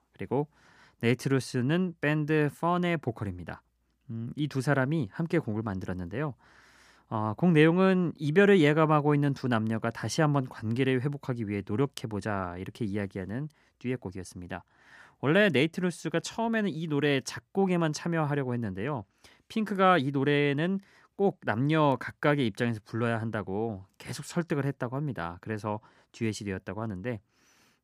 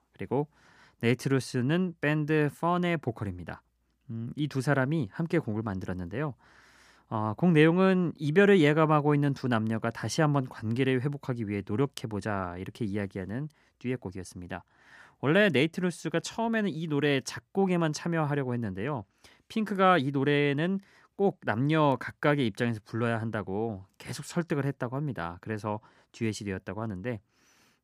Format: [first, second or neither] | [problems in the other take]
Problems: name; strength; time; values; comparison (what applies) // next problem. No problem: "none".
neither | none